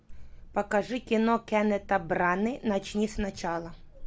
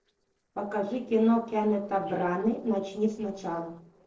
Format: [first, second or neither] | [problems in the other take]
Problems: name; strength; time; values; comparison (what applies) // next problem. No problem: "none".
first | noise reduction (neural separator model SepFormer DNS4)